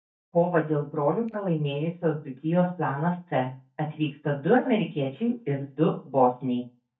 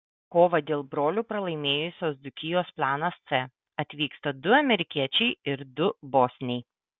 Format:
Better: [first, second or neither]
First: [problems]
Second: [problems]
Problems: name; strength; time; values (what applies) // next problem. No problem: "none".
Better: second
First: noise reduction (neural mask model DeepFilterNet 3)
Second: none